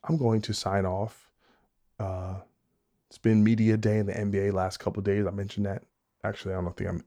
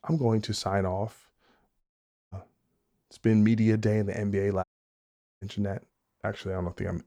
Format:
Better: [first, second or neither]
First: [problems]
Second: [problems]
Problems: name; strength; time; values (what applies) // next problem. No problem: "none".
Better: first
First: none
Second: audio cutting out; at 2 s and at 4.5 s for 1 s